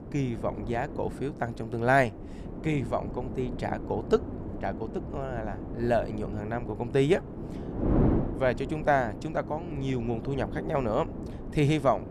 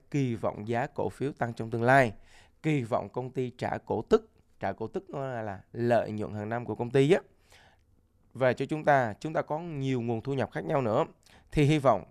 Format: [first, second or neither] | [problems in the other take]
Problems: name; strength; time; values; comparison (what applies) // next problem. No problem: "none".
second | wind noise on the microphone; occasional gusts; 10 dB below the speech